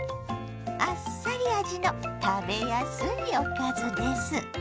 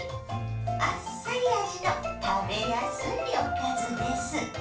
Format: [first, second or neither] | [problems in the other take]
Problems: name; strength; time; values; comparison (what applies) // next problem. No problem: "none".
first | room echo; dies away in 0.3 s